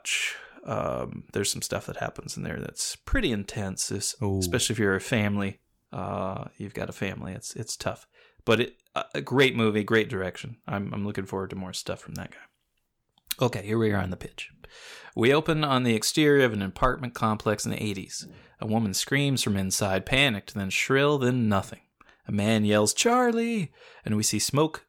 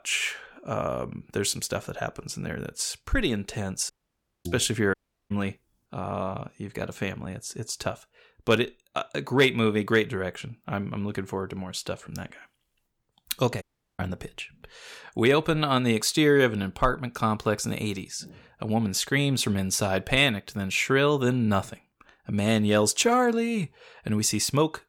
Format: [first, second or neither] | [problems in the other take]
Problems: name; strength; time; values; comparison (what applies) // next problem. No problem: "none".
first | audio cutting out; at 4 s for 0.5 s, at 5 s and at 14 s